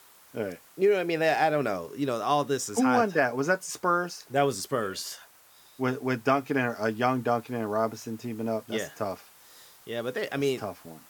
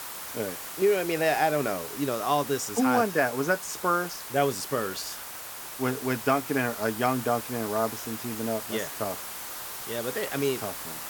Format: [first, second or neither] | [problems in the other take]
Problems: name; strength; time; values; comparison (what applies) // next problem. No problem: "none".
first | hiss; loud; throughout; 8 dB below the speech; faint in the first